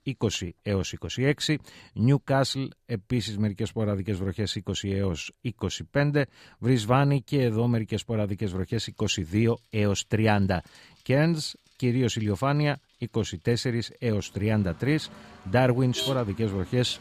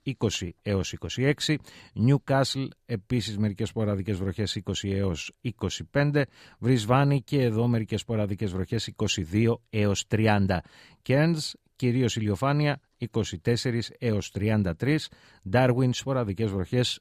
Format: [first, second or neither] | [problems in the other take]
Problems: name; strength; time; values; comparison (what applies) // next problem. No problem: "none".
second | traffic noise; noticeable; from 8.5 s on; 10 dB below the speech